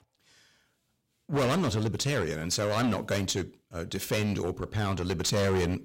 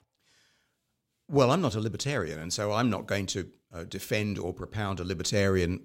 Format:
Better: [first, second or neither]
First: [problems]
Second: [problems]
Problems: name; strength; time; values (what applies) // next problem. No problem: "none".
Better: second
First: distortion; heavy; 12% of the sound clipped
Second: none